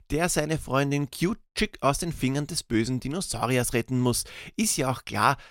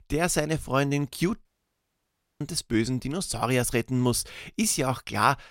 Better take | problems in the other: first | audio cutting out; at 1.5 s for 1 s

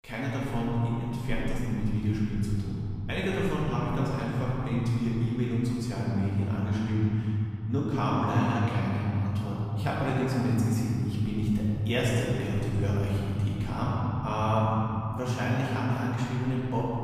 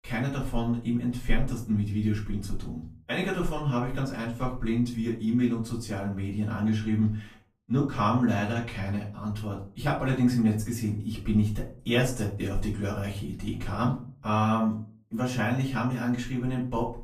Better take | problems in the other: second | room echo; strong; dies away in 3 s; slight in the second // off-mic speech; far; far in the second

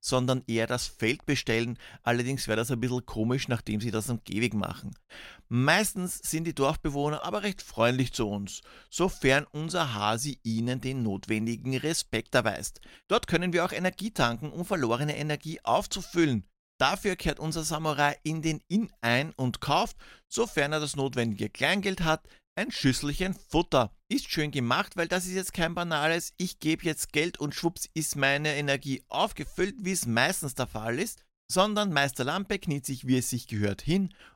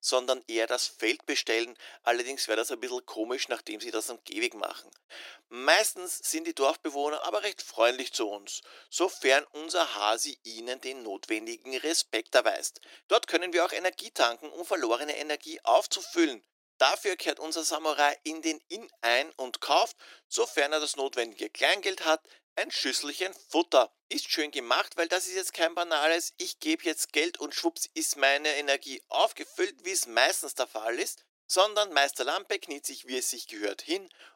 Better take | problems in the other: first | thin; very; fading below 300 Hz

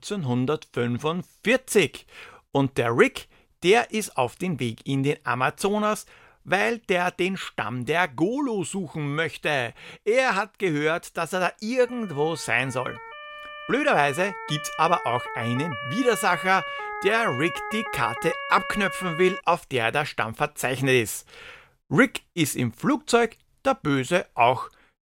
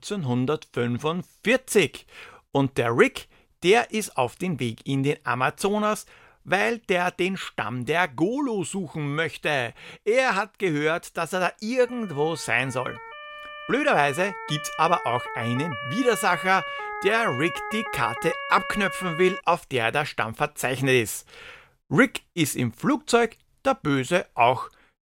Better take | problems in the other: neither | siren; noticeable; from 12 to 19 s; peak 7 dB below the speech; the same in both

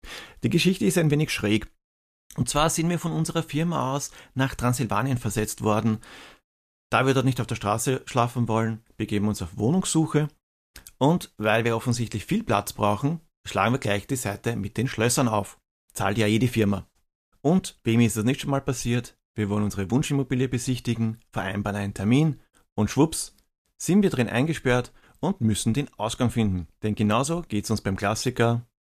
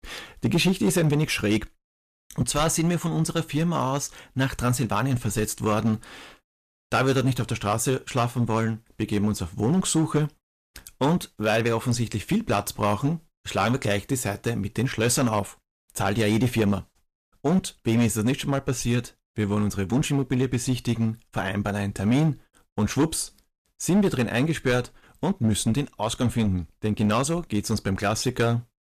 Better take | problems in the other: first | distortion; slight; 4% of the sound clipped

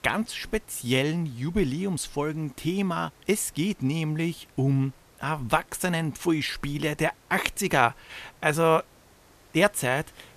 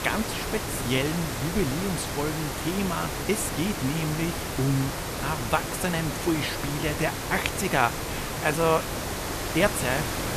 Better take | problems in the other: first | hiss; loud; throughout; 3 dB below the speech; faint in the first

